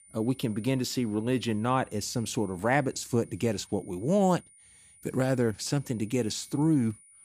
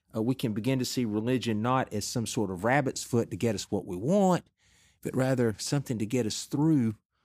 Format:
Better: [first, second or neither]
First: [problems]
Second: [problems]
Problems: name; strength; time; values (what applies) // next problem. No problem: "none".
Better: second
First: high-pitched whine; faint; throughout; 9.5 kHz, 25 dB below the speech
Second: none